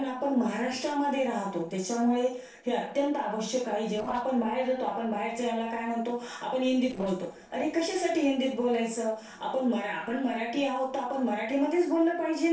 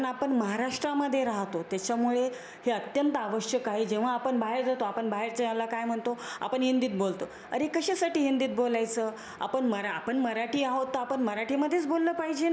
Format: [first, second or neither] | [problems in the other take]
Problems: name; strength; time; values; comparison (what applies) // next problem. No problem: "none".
second | noise reduction (neural separator model SepFormer DNS4)